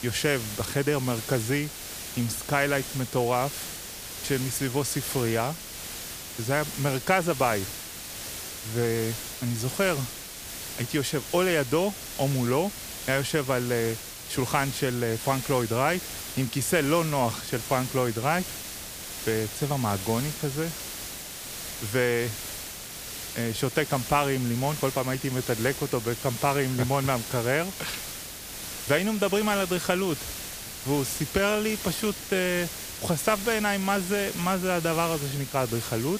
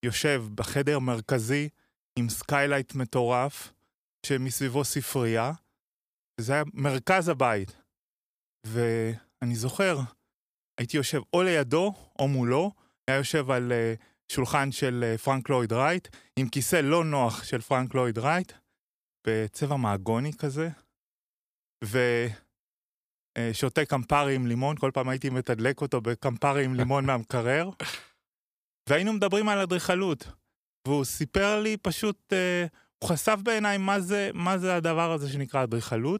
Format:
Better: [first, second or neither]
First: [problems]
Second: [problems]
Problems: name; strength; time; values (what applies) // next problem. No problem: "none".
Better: second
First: hiss; loud; throughout; 8 dB below the speech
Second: none